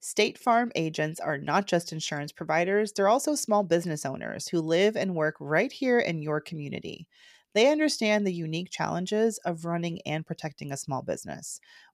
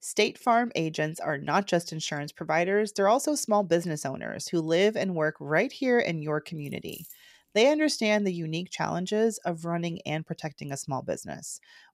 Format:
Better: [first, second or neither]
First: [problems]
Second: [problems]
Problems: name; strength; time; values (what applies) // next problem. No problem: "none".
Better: first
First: none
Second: jangling keys; faint; at 6.5 s; peak 20 dB below the speech